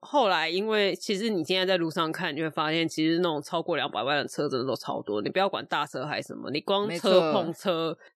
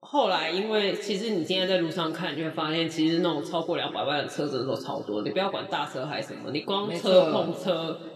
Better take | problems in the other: first | room echo; slight; dies away in 1.6 s

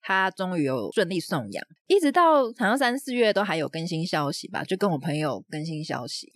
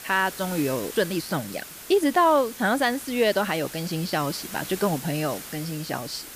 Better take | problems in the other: first | hiss; noticeable; throughout; 10 dB below the speech

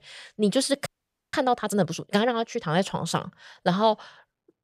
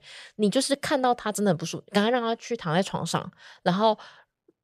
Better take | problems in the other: second | audio freezing; at 1 s

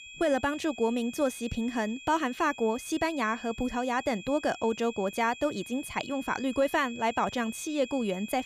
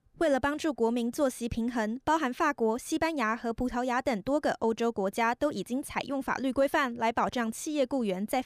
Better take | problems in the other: second | high-pitched whine; noticeable; throughout; 2.5 kHz, 15 dB below the speech

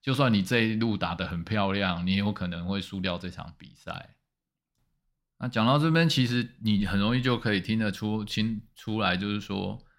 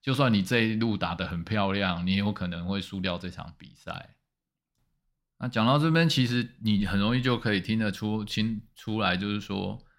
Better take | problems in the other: neither | none

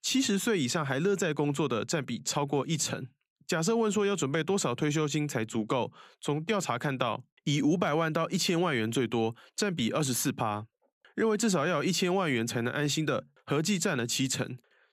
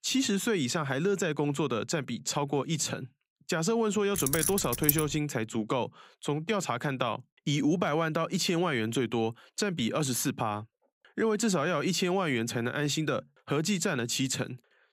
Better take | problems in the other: first | jangling keys; loud; at 4 s; peak 2 dB above the speech

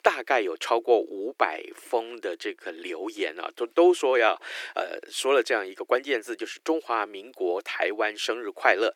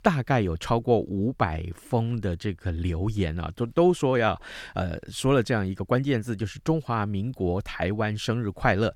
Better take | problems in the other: second | thin; very; fading below 350 Hz

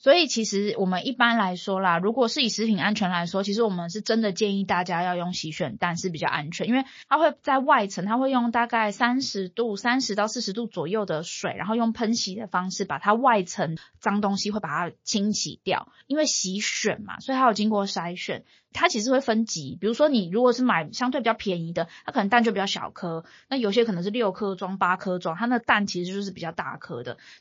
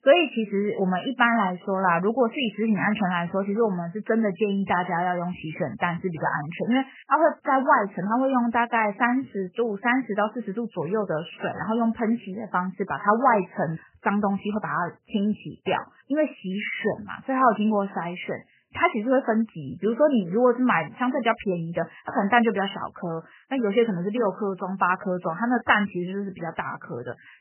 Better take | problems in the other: first | garbled, watery; badly; nothing above 3 kHz; slightly in the first

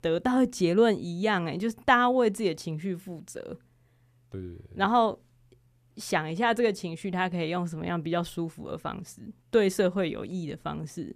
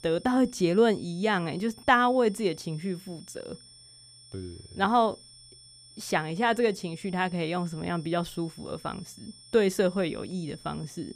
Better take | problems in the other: first | high-pitched whine; faint; throughout; 5.5 kHz, 20 dB below the speech

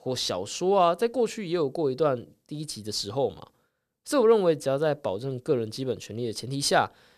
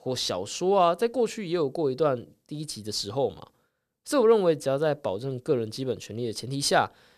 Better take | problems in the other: neither | none

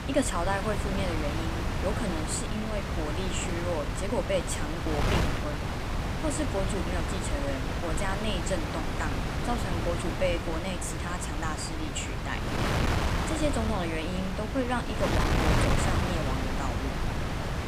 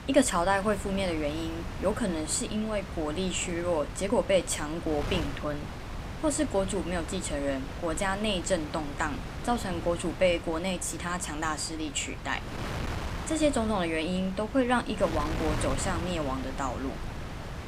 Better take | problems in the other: second | wind noise on the microphone; heavy; as loud as the speech; occasional gusts in the second

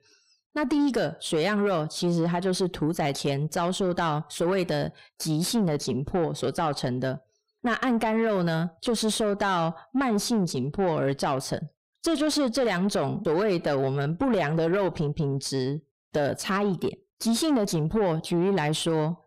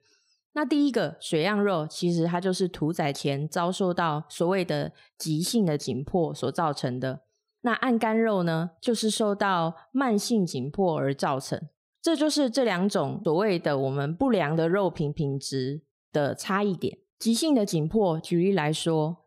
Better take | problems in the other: second | distortion; slight; 10 dB below the speech

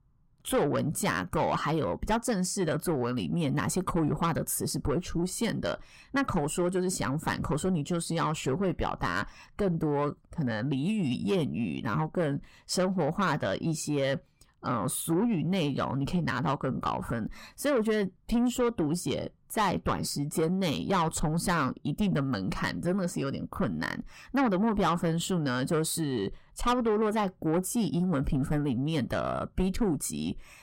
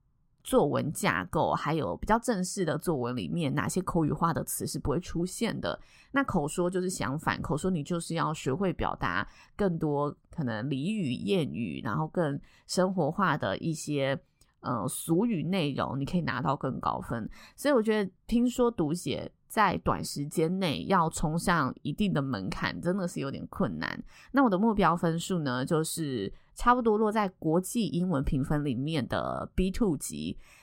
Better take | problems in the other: second | distortion; slight; 10 dB below the speech

